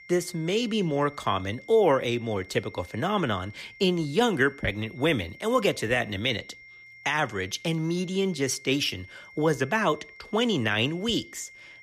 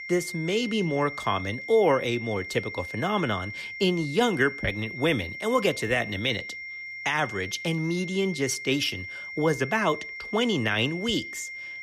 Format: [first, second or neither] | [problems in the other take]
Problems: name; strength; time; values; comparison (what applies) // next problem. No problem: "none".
first | high-pitched whine; loud; throughout; 2 kHz, 9 dB below the speech; faint in the first